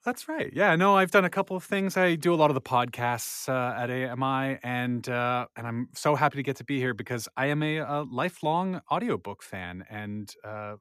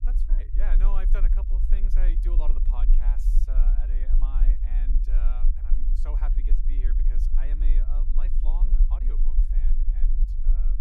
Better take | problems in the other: first | low rumble; loud; throughout; 5 dB below the speech

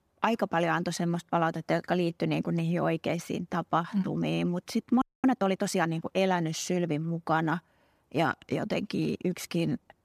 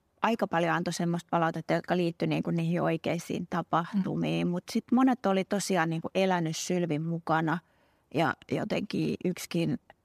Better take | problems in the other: second | audio freezing; at 5 s

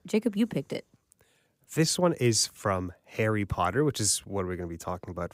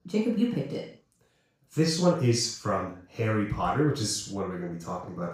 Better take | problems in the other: first | room echo; noticeable; dies away in 0.4 s // off-mic speech; far

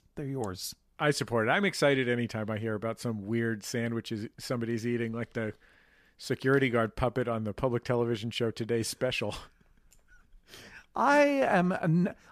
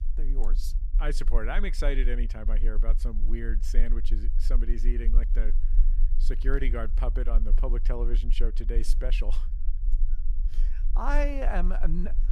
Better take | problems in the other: first | low rumble; noticeable; throughout; 20 dB below the speech

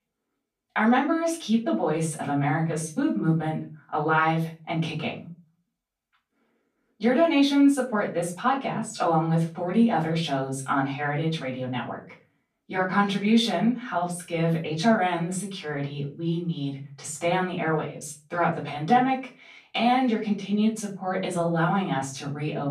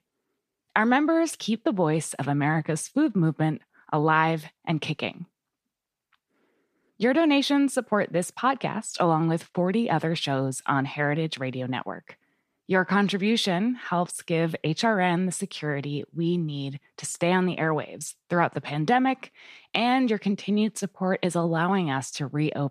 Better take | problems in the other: second | off-mic speech; far // room echo; slight; dies away in 0.3 s

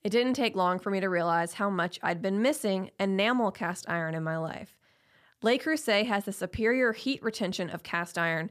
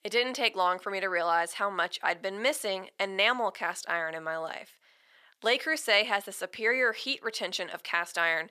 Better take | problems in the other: first | thin; somewhat; fading below 550 Hz

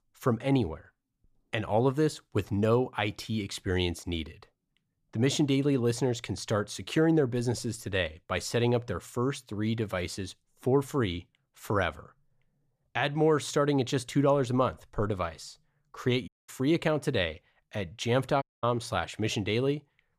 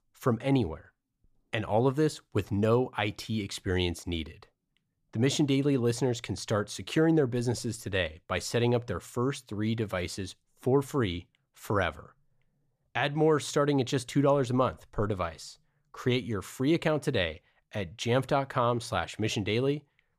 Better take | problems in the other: second | audio cutting out; at 16 s and at 18 s

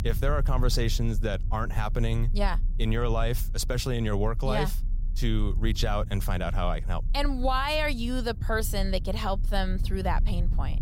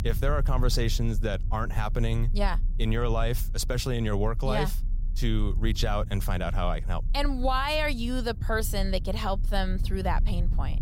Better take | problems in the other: neither | low rumble; faint; throughout; 20 dB below the speech; the same in both

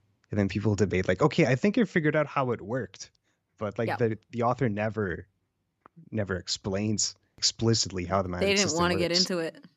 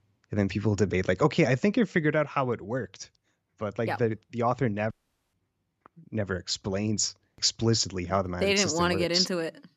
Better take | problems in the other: first | audio cutting out; at 5 s

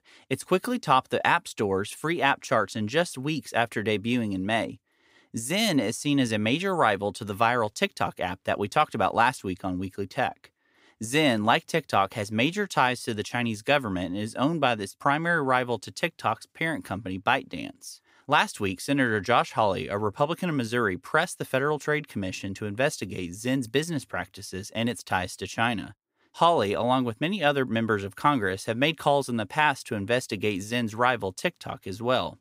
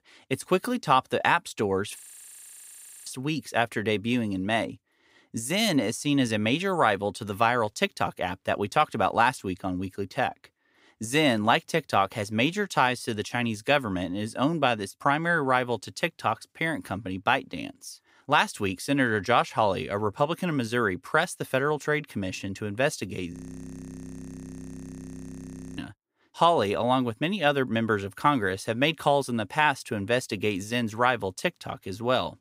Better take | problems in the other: first | audio freezing; at 2 s for 1 s and at 23 s for 2.5 s

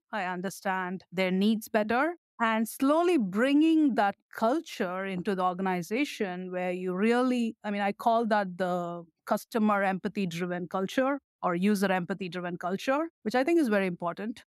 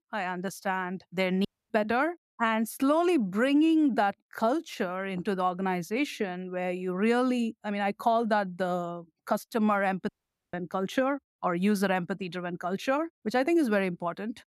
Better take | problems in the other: first | audio cutting out; at 1.5 s and at 10 s

